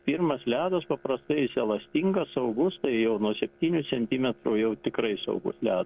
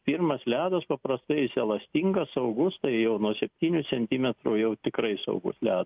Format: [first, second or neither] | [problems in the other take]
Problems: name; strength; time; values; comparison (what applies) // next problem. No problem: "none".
second | noise reduction (neural separator model SepFormer DNS4)